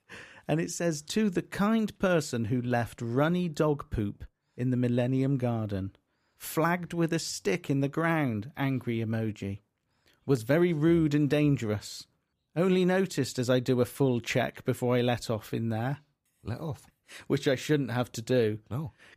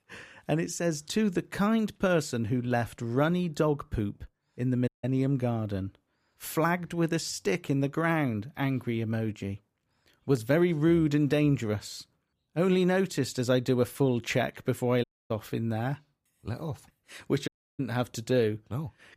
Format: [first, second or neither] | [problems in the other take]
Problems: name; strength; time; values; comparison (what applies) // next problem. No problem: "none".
first | audio cutting out; at 5 s, at 15 s and at 17 s